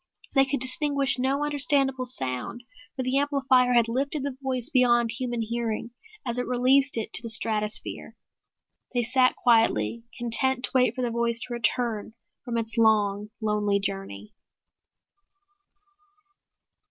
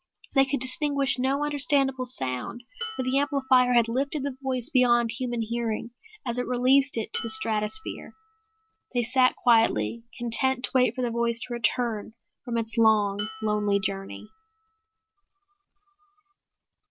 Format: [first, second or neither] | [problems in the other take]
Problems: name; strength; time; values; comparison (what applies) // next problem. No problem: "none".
first | background sound (Dishes, pots, and pans); 19 dB below the speech